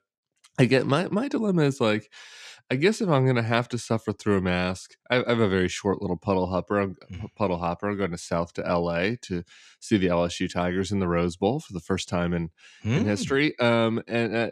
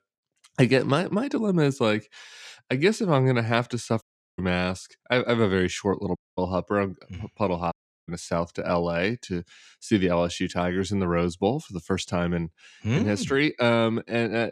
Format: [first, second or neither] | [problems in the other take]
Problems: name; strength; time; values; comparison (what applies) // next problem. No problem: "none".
first | audio cutting out; at 4 s, at 6 s and at 7.5 s